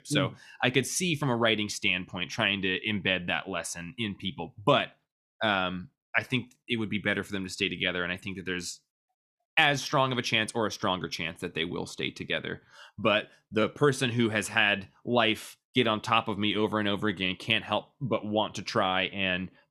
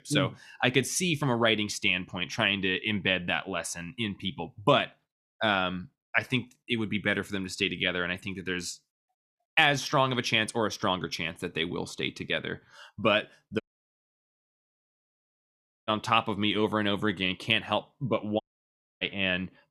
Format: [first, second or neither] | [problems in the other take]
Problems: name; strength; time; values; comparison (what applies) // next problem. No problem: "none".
first | audio cutting out; at 14 s for 2.5 s and at 18 s for 0.5 s